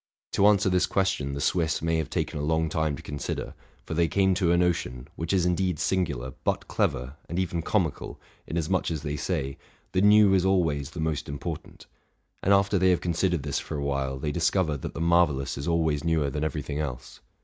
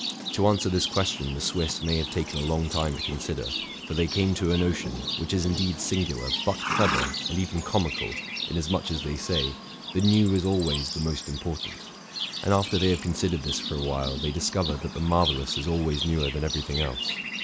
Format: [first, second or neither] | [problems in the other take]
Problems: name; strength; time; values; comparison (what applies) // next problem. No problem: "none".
first | background sound (Livestock, farm animals, working animals); 6 dB below the speech